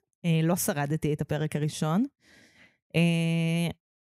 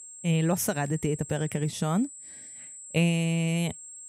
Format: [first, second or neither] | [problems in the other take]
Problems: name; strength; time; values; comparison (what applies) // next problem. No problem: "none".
first | high-pitched whine; noticeable; throughout; 7.5 kHz, 15 dB below the speech